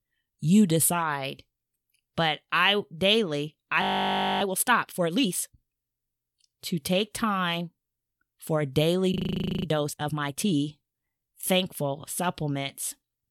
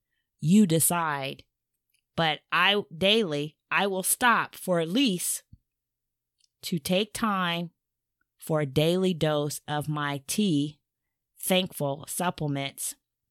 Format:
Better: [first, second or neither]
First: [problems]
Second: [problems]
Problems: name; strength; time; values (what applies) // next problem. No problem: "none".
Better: second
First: audio freezing; at 4 s for 0.5 s and at 9 s for 0.5 s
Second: none